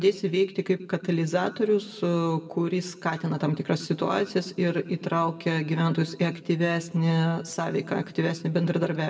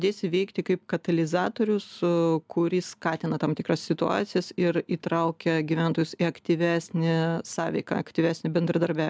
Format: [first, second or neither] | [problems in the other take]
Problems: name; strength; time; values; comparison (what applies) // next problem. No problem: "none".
second | room echo; dies away in 1 s